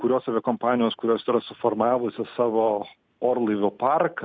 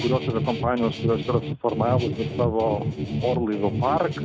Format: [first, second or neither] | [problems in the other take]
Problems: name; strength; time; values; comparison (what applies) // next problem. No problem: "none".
first | noise reduction (neural mask model RNNoise)